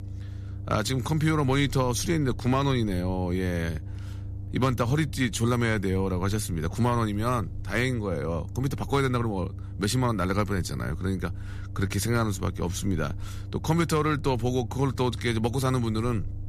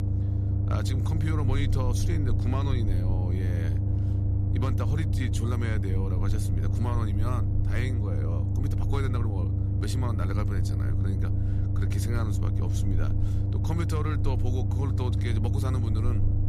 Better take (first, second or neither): first